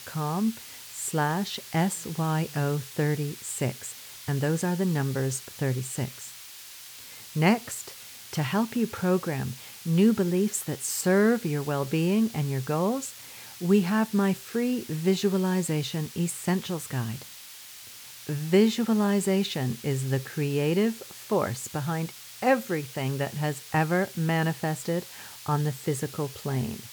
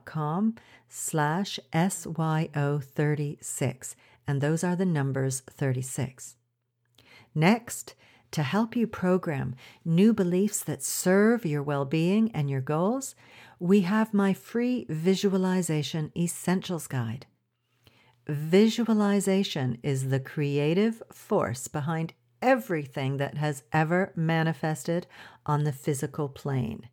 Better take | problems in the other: second | hiss; noticeable; throughout; 15 dB below the speech

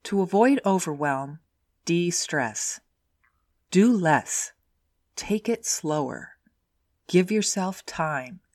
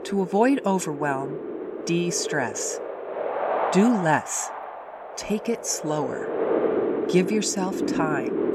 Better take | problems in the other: first | wind noise on the microphone; heavy; 4 dB below the speech

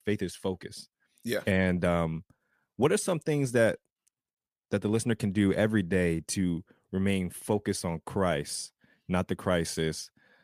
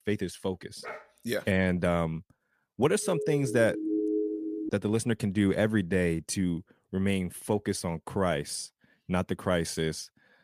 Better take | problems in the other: first | dog barking; faint; at 1 s; peak 15 dB below the speech // siren; loud; from 3 to 4.5 s; peak 1 dB above the speech

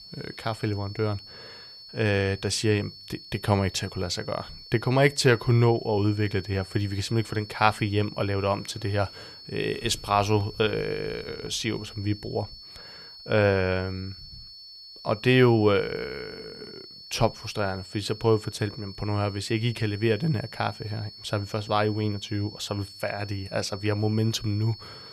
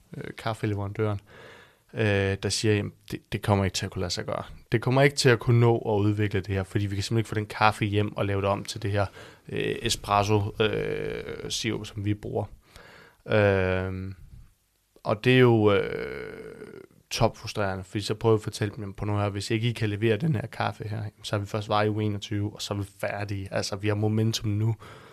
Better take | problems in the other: second | high-pitched whine; noticeable; throughout; 4.5 kHz, 15 dB below the speech

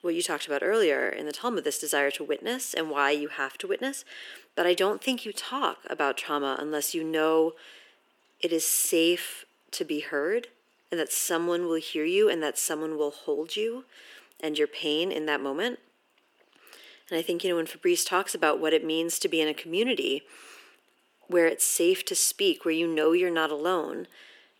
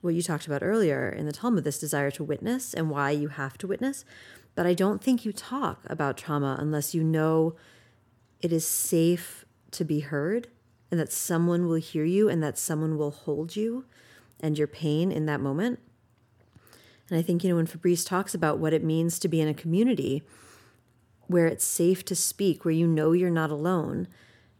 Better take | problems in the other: second | thin; somewhat; fading below 350 Hz

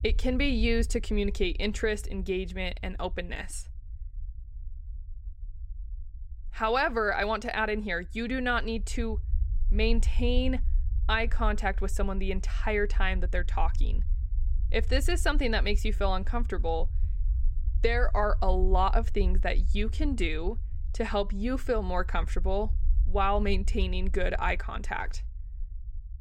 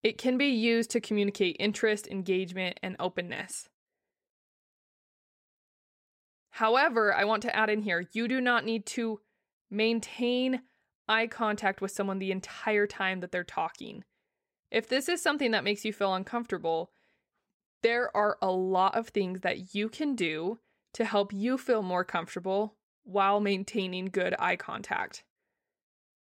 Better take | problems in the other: second | low rumble; faint; throughout; 25 dB below the speech

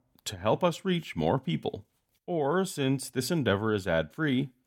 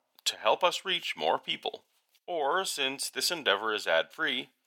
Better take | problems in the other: first | thin; very; fading below 750 Hz

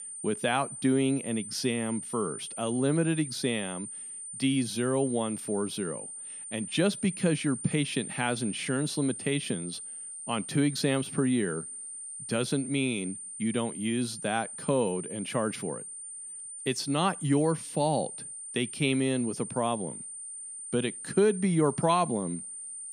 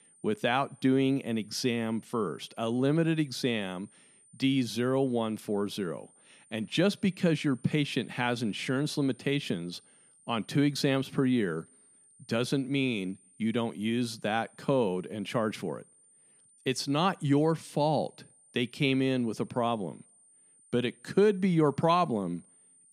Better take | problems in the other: second | high-pitched whine; loud; throughout; 9 kHz, 8 dB below the speech; faint in the second

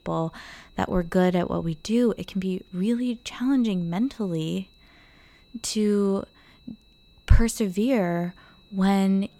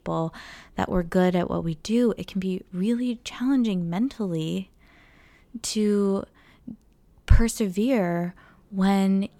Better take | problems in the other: second | high-pitched whine; faint; throughout; 4 kHz, 35 dB below the speech

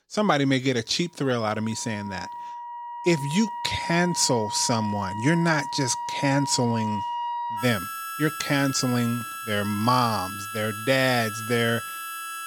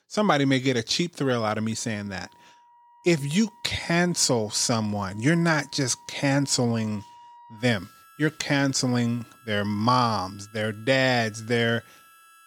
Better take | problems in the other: second | background music; loud; throughout; 8 dB below the speech; faint in the second

